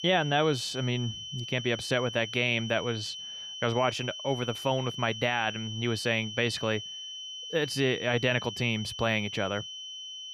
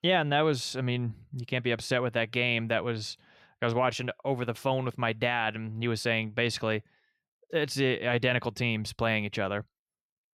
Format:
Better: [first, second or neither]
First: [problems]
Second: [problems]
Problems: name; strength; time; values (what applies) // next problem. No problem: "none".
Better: second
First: high-pitched whine; loud; throughout; 3 kHz, 8 dB below the speech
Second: none